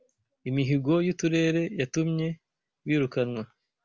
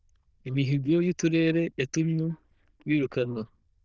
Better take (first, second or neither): first